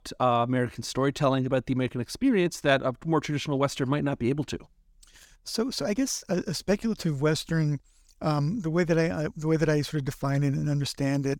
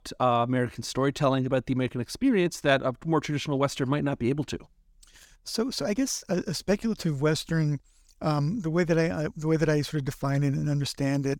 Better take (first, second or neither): neither